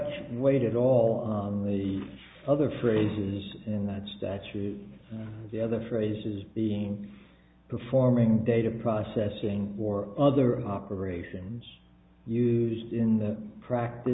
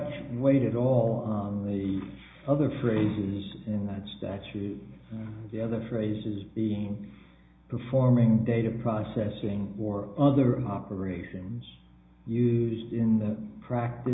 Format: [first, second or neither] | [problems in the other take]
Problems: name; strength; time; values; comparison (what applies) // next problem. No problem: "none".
first | room echo; dies away in 0.4 s